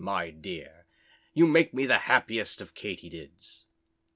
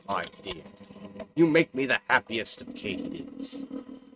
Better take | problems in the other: first | noise reduction (neural mask model RNNoise)

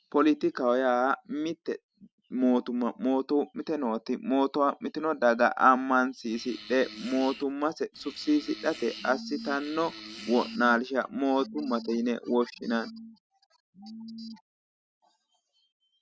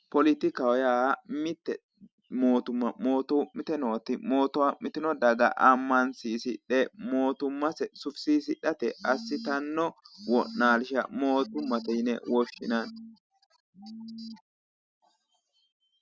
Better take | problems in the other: second | background sound (Fart); 16 dB below the speech

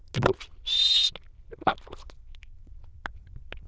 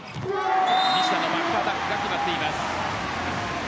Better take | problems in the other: second | noise reduction (neural diffusion model UNIVERSE++)

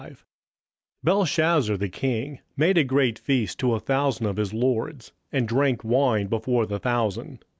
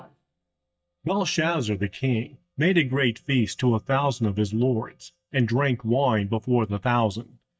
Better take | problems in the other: first | noise reduction (neural mask model DeepFilterNet 3)

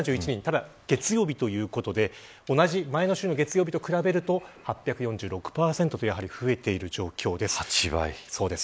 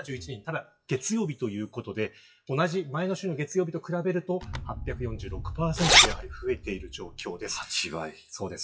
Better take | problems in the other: first | noise reduction (classical method WPE with log-MMSE)

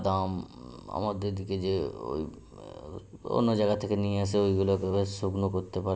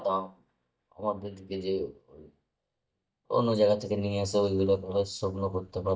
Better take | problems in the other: first | noise reduction (neural mask model DeepFilterNet 3)

